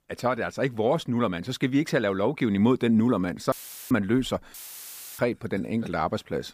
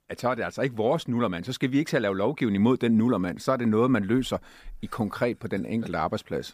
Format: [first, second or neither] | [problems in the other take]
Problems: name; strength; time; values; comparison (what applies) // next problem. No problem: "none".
second | audio cutting out; filled with static; at 3.5 s and at 4.5 s for 0.5 s